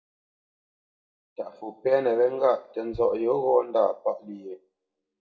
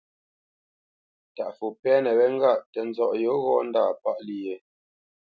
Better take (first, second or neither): second